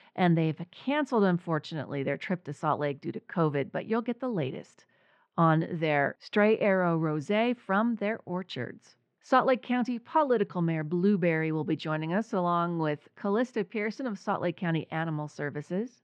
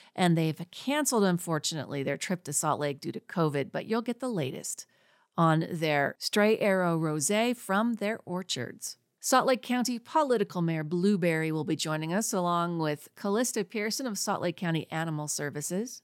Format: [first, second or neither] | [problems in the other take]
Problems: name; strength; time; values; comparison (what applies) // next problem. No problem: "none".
second | muffled; very; fading above 3 kHz